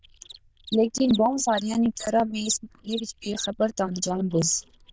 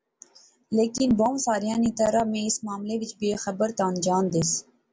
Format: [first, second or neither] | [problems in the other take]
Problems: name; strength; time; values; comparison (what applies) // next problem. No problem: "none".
second | noise reduction (neural diffusion model UNIVERSE++)